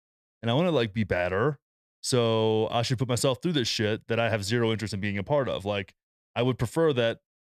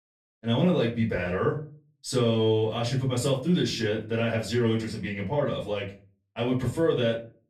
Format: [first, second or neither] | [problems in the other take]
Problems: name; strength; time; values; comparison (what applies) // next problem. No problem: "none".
first | off-mic speech; far // room echo; slight; dies away in 0.3 s